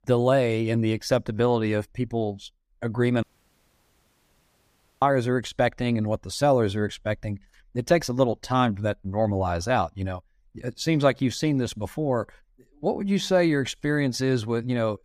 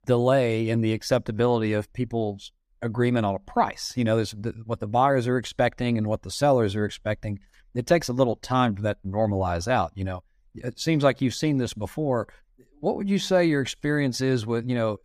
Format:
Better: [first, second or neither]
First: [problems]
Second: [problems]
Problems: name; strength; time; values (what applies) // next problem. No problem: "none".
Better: second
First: audio cutting out; at 3 s for 2 s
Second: none